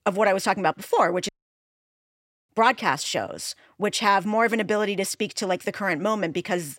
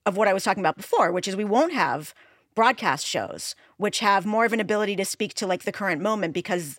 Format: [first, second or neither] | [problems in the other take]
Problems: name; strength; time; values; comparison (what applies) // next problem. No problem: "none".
second | audio cutting out; at 1.5 s for 1 s